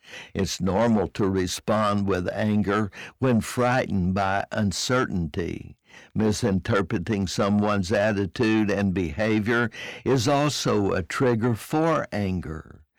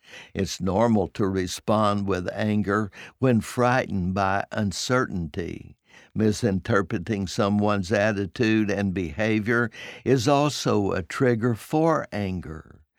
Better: second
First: distortion; slight; 10 dB below the speech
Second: none

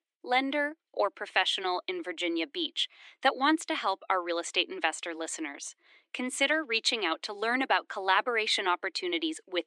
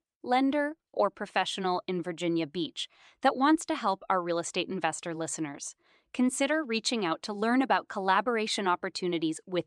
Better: second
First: thin; somewhat; fading below 300 Hz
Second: none

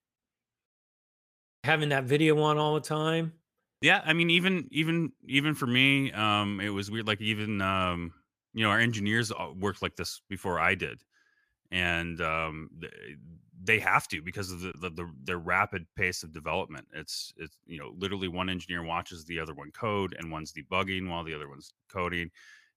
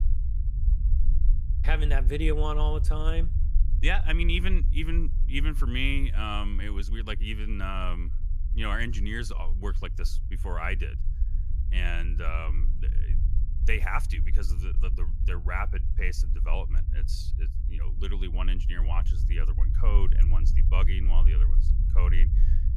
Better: first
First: none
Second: low rumble; noticeable; throughout; 15 dB below the speech

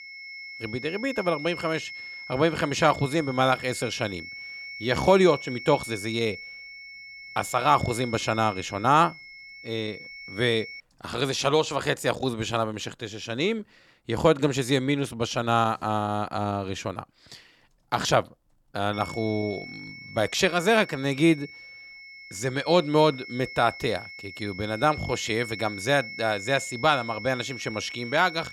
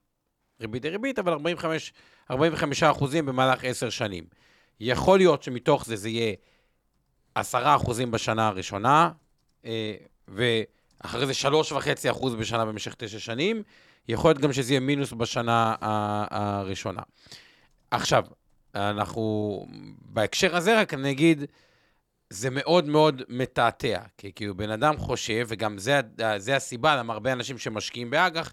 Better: second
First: high-pitched whine; noticeable; until 11 s and from 19 s on; 2 kHz, 15 dB below the speech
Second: none

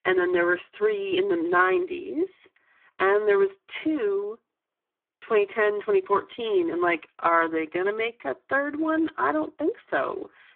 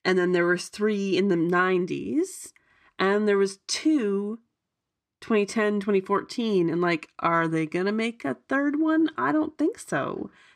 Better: second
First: phone-call audio; poor line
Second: none

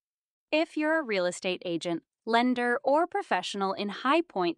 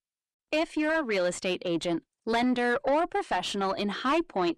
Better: first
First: none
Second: distortion; slight; 9 dB below the speech

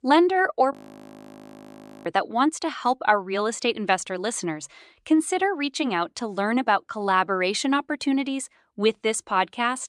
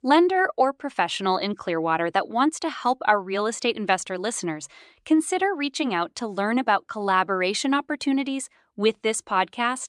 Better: second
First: audio freezing; at 0.5 s for 1.5 s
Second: none

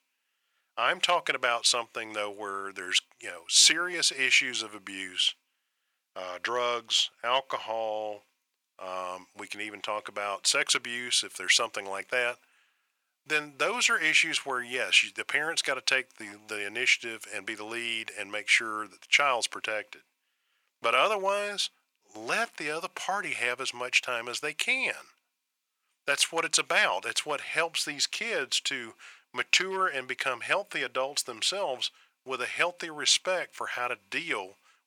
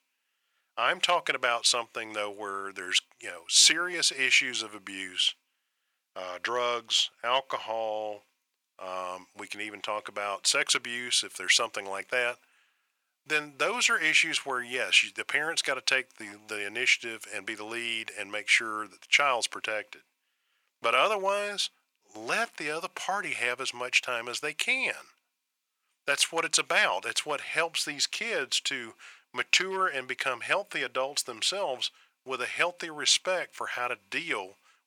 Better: neither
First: thin; very; fading below 950 Hz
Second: thin; very; fading below 950 Hz

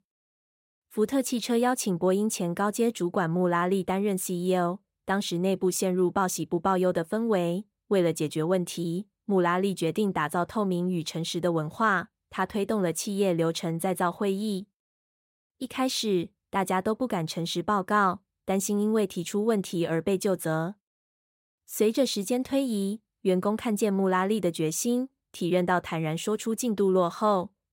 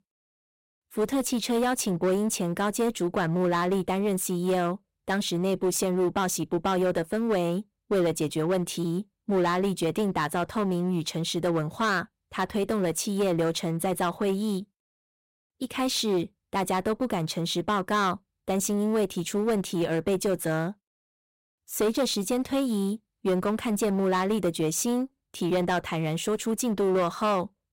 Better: first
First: none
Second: distortion; slight; 11% of the sound clipped

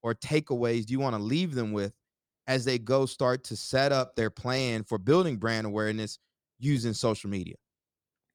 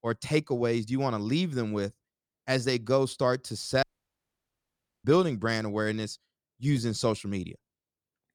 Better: first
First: none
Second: audio cutting out; at 4 s for 1 s

